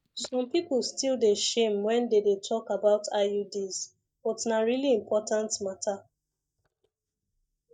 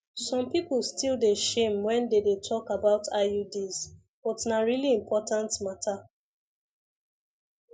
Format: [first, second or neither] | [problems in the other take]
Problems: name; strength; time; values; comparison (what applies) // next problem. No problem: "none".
second | noise reduction (neural mask model DeepFilterNet 3)